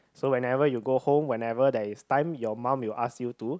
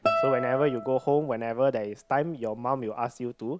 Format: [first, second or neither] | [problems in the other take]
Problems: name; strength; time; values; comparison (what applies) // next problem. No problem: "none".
first | background sound (Guitar); 6 dB below the speech